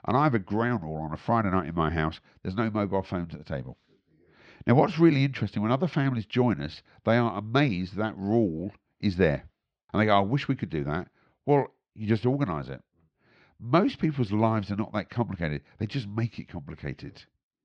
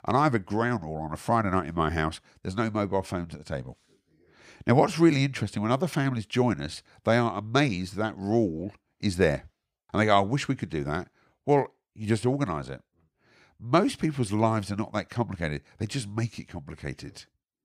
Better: second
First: muffled; very slightly; fading above 4.5 kHz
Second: none

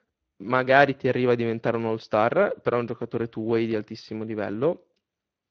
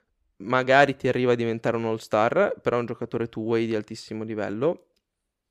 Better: second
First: garbled, watery; slightly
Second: none

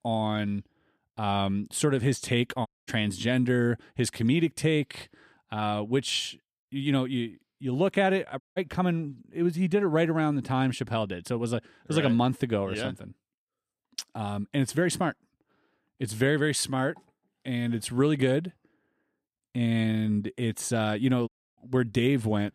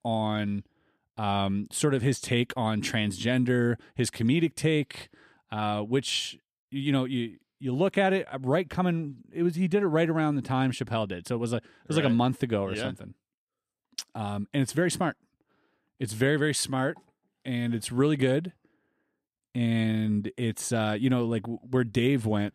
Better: second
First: audio cutting out; at 2.5 s, at 8.5 s and at 21 s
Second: none

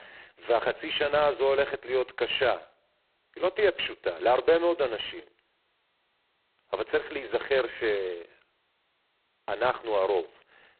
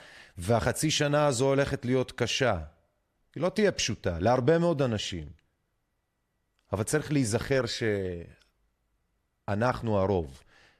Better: second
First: phone-call audio; poor line; nothing above 4 kHz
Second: none

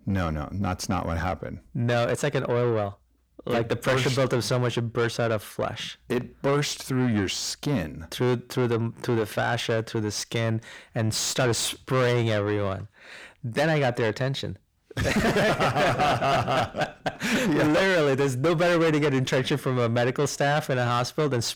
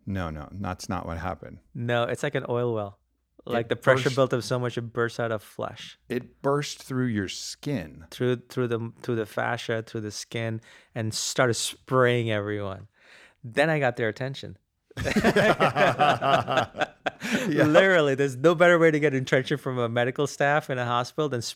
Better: second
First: distortion; heavy; 6 dB below the speech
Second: none

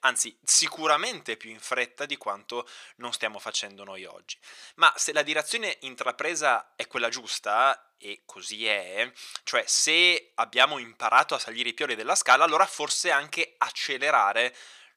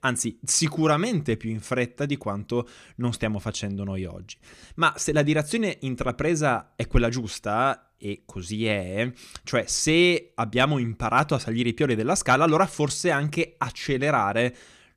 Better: second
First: thin; very; fading below 800 Hz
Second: none

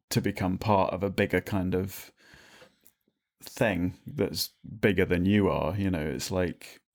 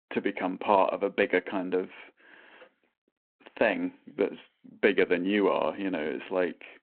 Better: first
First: none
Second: phone-call audio

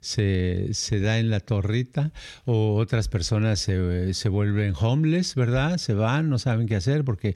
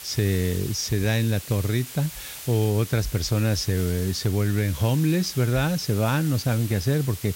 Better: first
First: none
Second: hiss; noticeable; throughout; 10 dB below the speech

